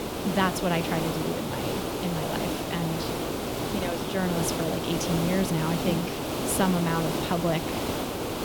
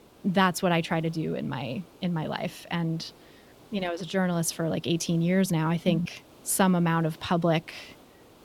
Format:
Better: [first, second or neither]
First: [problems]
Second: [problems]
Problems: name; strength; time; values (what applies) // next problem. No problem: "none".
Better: second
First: hiss; loud; throughout; as loud as the speech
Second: hiss; faint; throughout; 25 dB below the speech